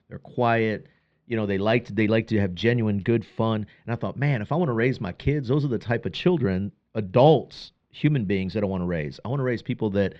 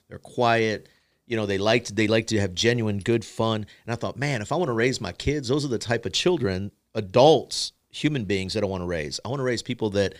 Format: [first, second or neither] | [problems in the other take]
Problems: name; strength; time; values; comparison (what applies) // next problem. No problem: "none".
second | muffled; slightly; fading above 3 kHz